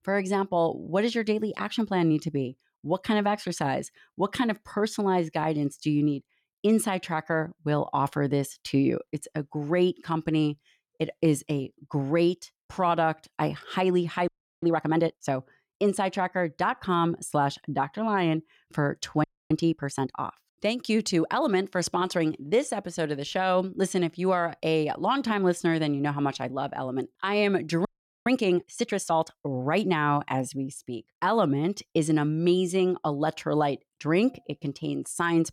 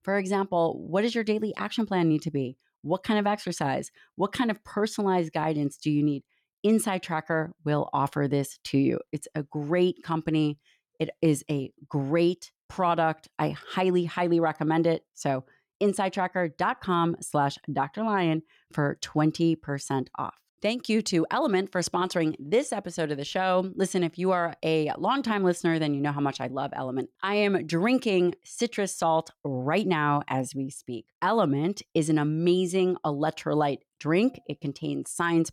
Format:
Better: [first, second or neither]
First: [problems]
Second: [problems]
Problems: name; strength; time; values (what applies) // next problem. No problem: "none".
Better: second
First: audio freezing; at 14 s, at 19 s and at 28 s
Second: none